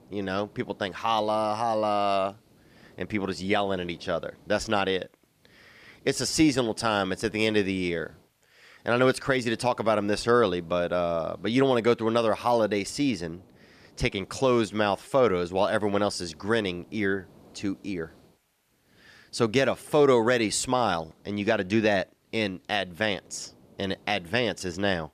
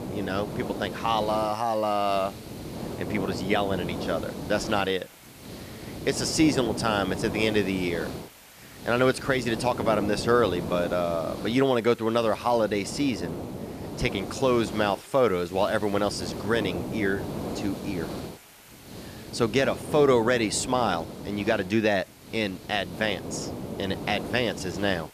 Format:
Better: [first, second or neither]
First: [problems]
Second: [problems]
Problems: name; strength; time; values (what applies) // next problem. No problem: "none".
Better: first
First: hiss; faint; throughout; 30 dB below the speech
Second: hiss; loud; throughout; 9 dB below the speech